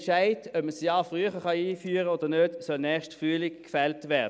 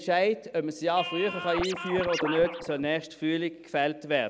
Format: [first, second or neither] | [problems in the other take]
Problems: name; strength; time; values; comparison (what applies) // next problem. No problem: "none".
first | background sound (Scratching (performance technique)); 7 dB below the speech